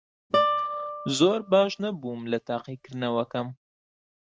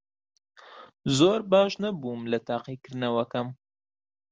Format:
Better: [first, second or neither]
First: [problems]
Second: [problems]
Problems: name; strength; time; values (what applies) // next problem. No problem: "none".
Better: second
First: noise reduction (neural mask model RNNoise)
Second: none